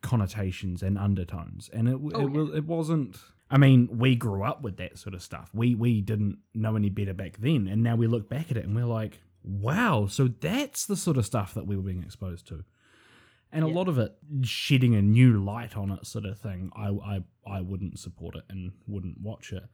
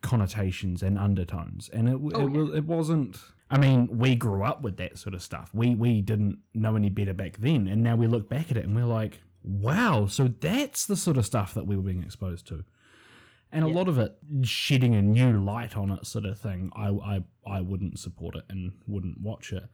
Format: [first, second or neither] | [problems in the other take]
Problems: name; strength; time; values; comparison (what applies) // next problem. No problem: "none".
first | distortion; slight; 10 dB below the speech